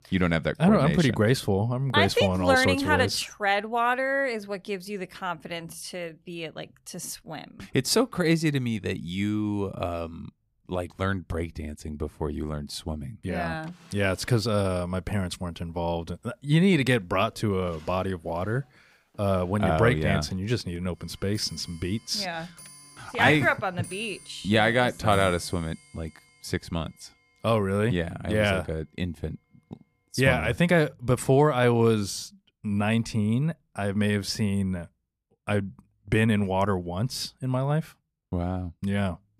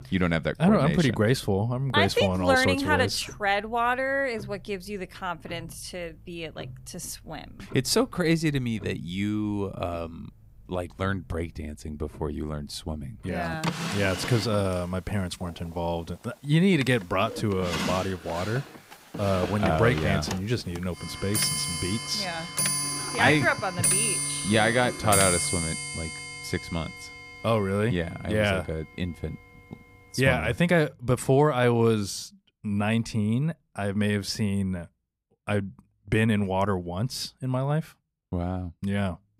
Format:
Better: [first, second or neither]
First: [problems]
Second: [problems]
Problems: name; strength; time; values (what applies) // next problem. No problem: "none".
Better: first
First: household noises; faint; until 31 s; 25 dB below the speech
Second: household noises; loud; until 31 s; 3 dB below the speech